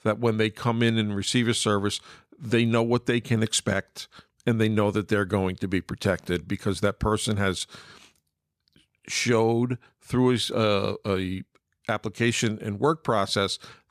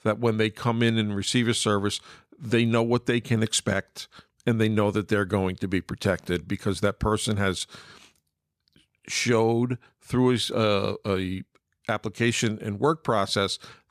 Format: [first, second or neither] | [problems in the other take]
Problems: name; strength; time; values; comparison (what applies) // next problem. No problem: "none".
neither | none